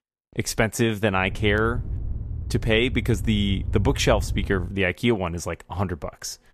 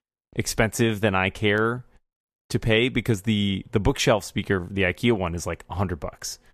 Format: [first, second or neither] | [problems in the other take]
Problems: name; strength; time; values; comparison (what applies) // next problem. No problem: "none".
second | low rumble; faint; from 1 to 4.5 s; 20 dB below the speech